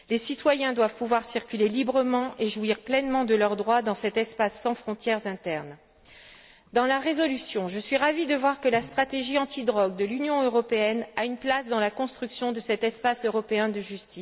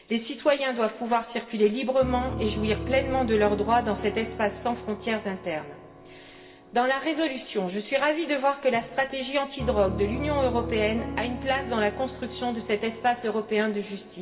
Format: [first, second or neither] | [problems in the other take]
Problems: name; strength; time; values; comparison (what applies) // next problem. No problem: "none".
first | background sound (Piano); 10 dB below the speech // room echo; dies away in 1.3 s